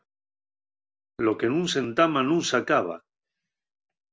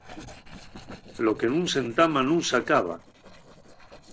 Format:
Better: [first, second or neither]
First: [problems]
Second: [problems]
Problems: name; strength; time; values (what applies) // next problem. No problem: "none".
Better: first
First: none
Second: noise reduction (neural separator model SepFormer DNS4)